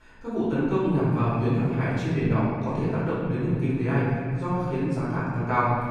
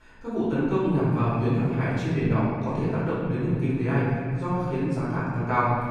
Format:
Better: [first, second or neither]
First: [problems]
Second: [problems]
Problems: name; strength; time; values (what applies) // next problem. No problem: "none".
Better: neither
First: room echo; strong; dies away in 2.4 s // off-mic speech; far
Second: room echo; strong; dies away in 2.4 s // off-mic speech; far